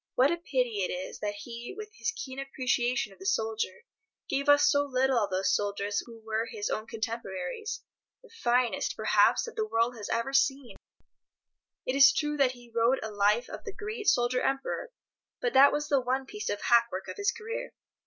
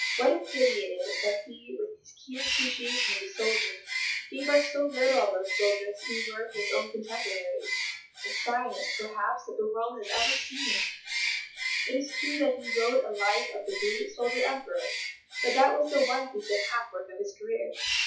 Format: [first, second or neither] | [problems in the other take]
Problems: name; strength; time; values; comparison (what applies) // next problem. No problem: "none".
first | noise reduction (classical method WPE with log-MMSE)